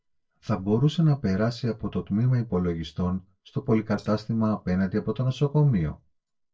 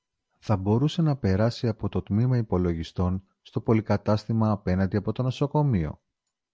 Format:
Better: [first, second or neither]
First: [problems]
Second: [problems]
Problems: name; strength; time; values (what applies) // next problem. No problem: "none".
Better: second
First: noise reduction (neural separator model SepFormer DNS4)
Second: none